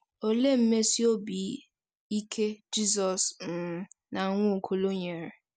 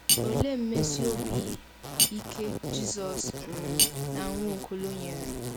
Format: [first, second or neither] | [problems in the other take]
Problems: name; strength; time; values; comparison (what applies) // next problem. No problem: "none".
first | background sound (Insect + Cutlery, silverware); 4 dB above the speech